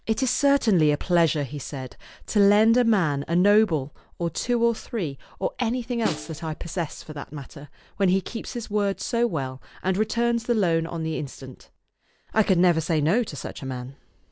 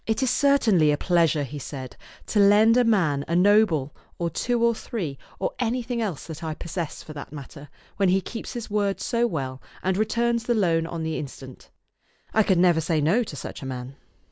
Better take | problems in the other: second | background sound (Snare drum); 14 dB below the speech

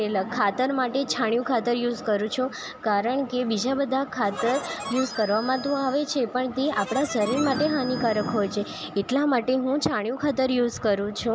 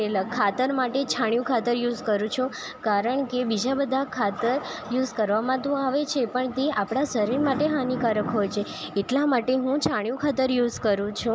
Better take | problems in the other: second | background sound (Harmonica); 13 dB below the speech

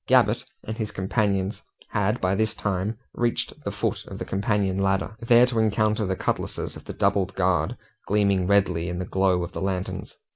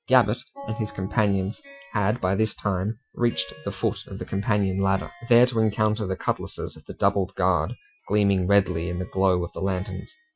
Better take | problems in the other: first | noise reduction (classical method Wiener filter)

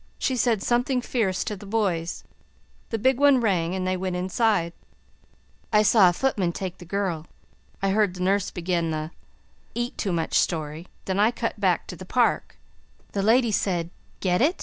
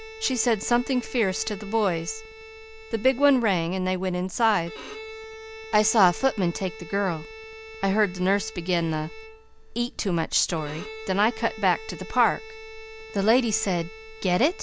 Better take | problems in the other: first | background sound (Bowed string instrument); 16 dB below the speech

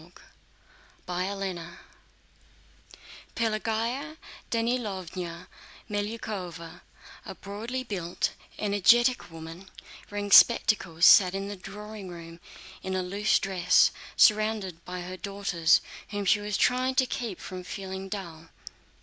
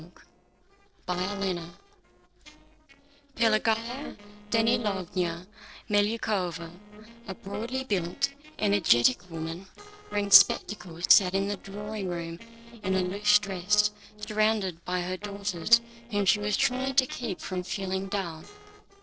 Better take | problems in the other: first | noise reduction (neural separator model SepFormer DNS4)

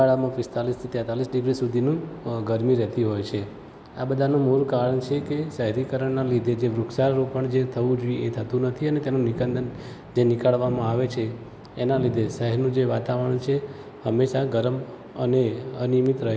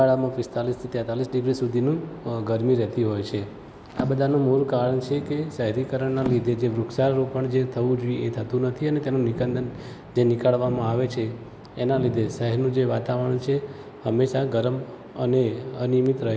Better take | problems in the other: first | background sound (Percussion); 11 dB below the speech

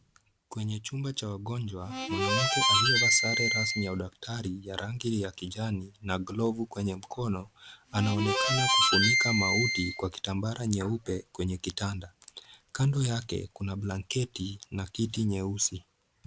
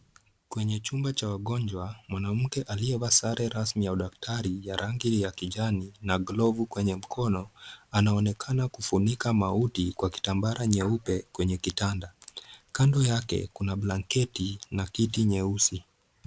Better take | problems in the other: second | background sound (Harmonica); 5 dB above the speech

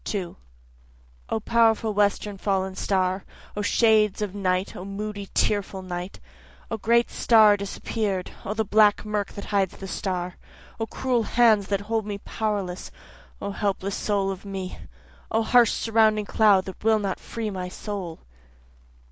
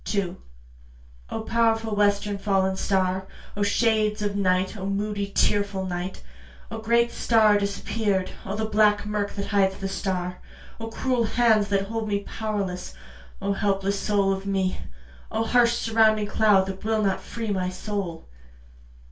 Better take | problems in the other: first | room echo; dies away in 0.2 s

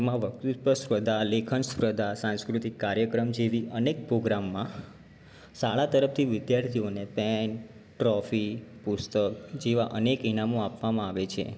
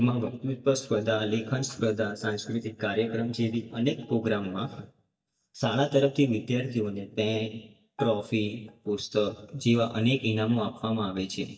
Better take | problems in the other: first | noise reduction (neural mask model DeepFilterNet 3)

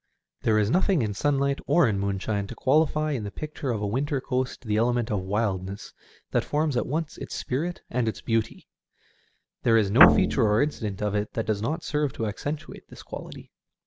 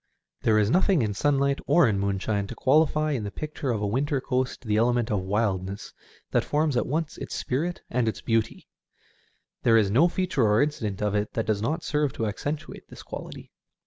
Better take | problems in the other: second | background sound (Guitar); 2 dB above the speech

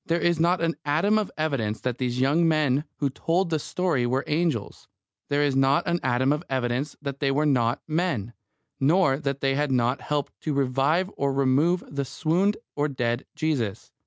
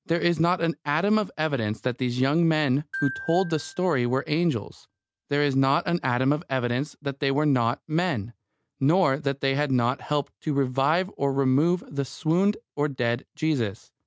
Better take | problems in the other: first | noise reduction (neural mask model RNNoise)

